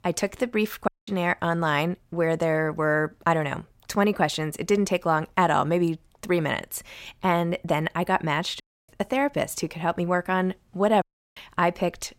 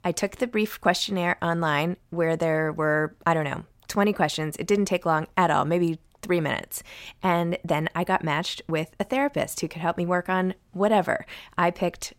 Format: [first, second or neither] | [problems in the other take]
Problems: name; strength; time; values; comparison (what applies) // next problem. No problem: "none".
second | audio cutting out; at 1 s, at 8.5 s and at 11 s